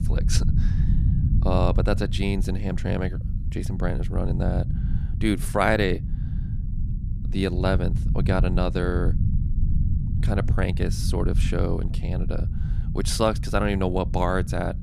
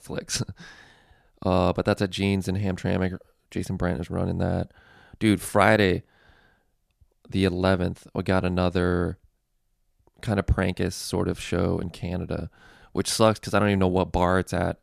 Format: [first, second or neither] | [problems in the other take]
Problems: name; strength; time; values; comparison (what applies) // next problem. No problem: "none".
second | low rumble; noticeable; throughout; 15 dB below the speech